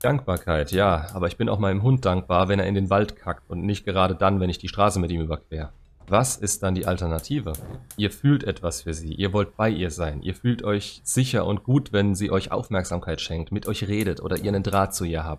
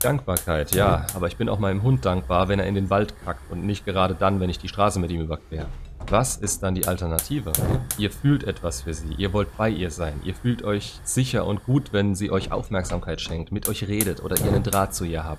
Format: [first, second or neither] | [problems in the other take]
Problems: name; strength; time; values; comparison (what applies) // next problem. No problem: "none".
first | hiss; loud; throughout; 5 dB below the speech; faint in the first